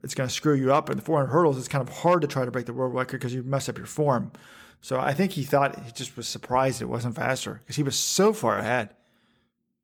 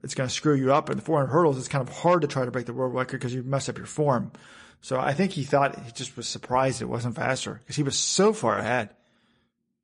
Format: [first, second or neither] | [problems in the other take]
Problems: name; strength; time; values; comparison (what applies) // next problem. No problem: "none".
first | garbled, watery; slightly; nothing above 8.5 kHz